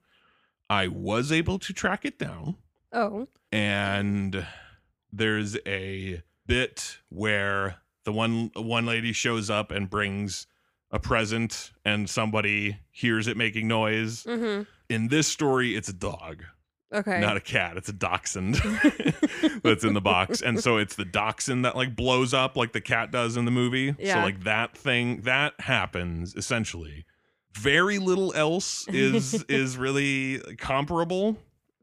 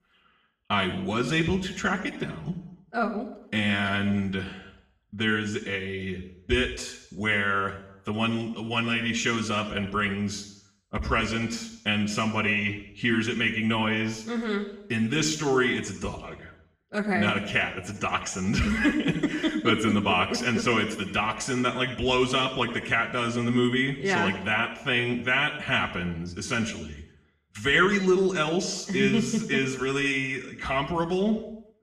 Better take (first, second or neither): first